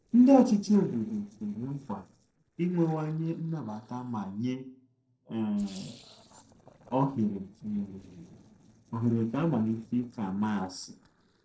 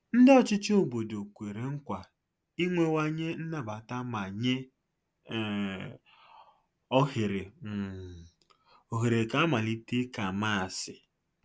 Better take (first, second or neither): second